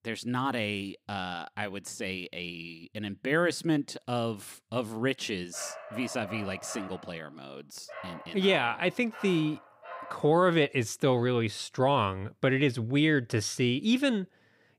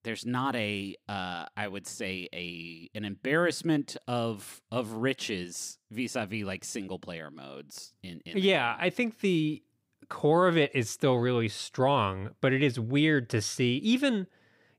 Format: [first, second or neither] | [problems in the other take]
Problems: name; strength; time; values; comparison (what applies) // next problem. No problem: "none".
second | dog barking; faint; from 5.5 to 10 s; peak 15 dB below the speech